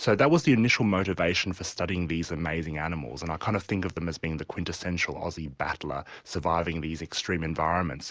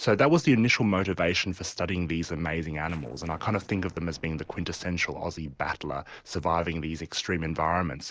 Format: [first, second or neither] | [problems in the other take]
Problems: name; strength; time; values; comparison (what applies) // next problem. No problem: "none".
first | noise reduction (neural separator model SepFormer DNS4)